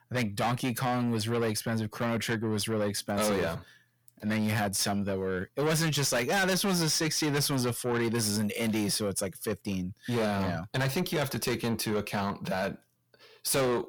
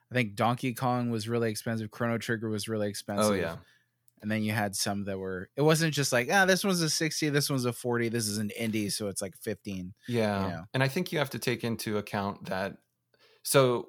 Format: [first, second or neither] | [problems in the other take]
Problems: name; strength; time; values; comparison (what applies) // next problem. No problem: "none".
second | distortion; heavy; 6 dB below the speech